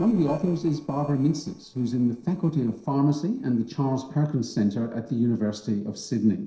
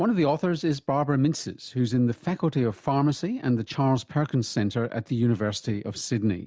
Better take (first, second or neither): second